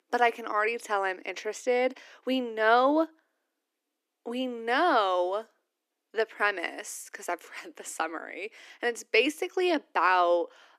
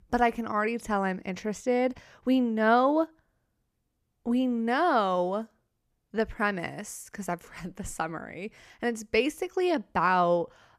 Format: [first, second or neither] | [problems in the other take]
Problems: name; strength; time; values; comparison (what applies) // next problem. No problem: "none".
second | thin; somewhat; fading below 300 Hz